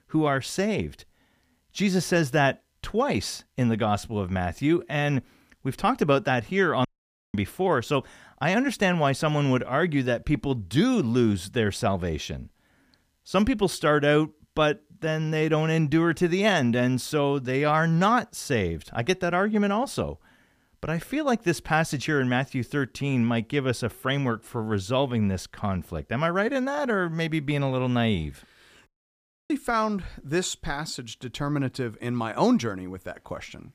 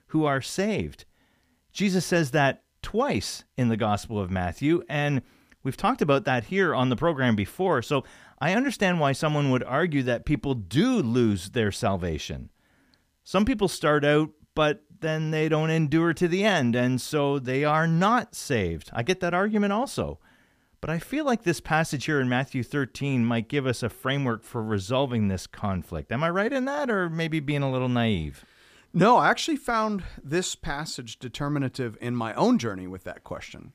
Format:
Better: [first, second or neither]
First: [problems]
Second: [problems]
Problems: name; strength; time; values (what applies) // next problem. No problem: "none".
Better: second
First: audio cutting out; at 7 s and at 29 s for 0.5 s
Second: none